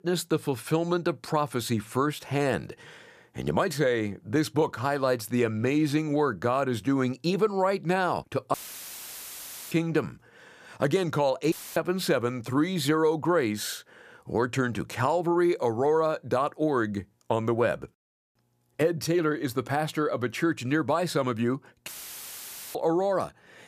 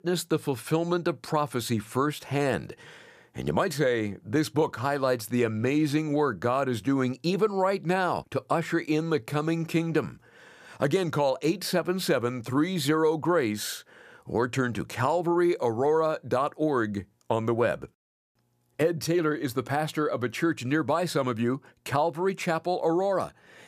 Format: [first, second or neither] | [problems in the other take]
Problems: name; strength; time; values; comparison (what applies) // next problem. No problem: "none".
second | audio cutting out; filled with static; at 8.5 s for 1 s, at 12 s and at 22 s for 1 s